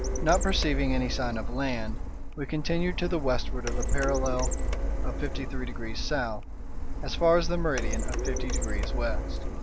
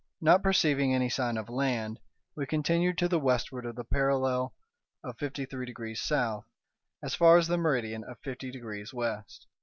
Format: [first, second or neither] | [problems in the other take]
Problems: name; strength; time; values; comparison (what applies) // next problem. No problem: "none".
second | background sound (Printer); 2 dB above the speech